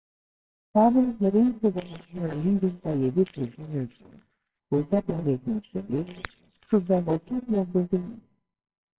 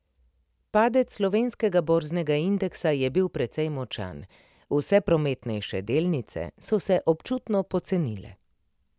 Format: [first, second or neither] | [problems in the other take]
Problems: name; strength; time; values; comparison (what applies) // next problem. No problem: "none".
second | noise reduction (neural separator model SepFormer WHAMR!)